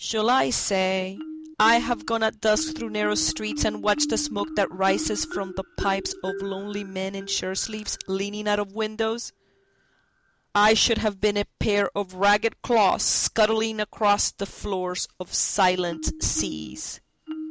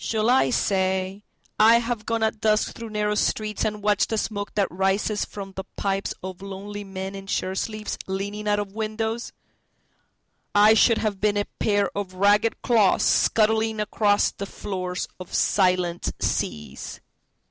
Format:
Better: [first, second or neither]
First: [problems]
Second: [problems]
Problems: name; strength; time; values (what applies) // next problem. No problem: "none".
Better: second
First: background sound (Marimba, xylophone); 13 dB below the speech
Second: none